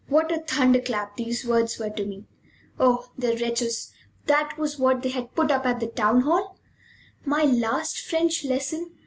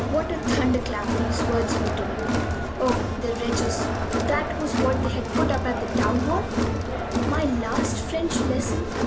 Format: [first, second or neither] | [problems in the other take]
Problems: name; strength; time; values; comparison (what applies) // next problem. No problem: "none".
first | background sound (Crowd); 3 dB above the speech